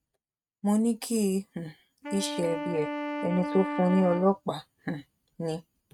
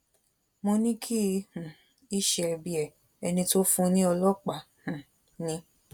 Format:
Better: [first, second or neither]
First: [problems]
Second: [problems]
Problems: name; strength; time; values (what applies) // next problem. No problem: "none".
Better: second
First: noise reduction (neural mask model RNNoise)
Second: none